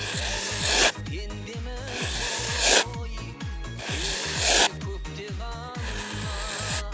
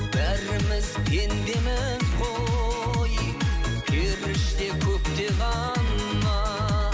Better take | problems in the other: second | background sound (Writing); 4 dB above the speech

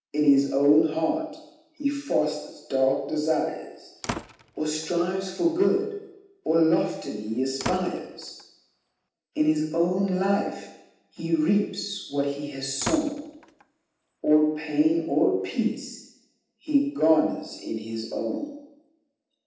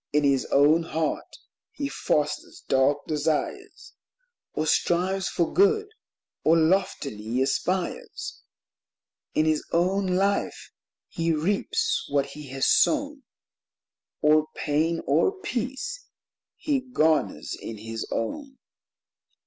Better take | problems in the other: second | background sound (Slam); 14 dB below the speech // room echo; dies away in 0.8 s

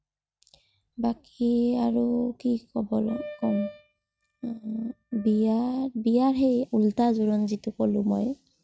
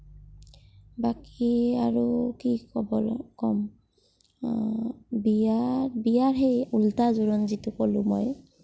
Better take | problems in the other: second | noise reduction (neural mask model RNNoise)

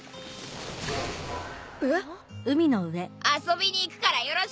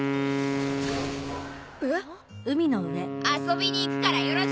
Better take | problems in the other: first | background sound (Wind instrument, woodwind instrument); as loud as the speech

